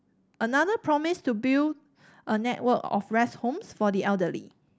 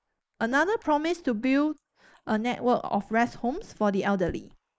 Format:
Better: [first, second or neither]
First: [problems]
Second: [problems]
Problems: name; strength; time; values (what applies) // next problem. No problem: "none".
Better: first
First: none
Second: noise reduction (neural mask model Resemble Enhance denoiser)